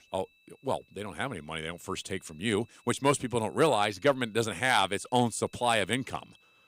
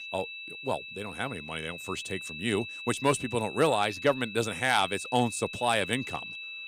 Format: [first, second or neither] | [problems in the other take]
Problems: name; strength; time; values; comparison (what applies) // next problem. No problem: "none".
first | high-pitched whine; loud; throughout; 2.5 kHz, 9 dB below the speech; faint in the first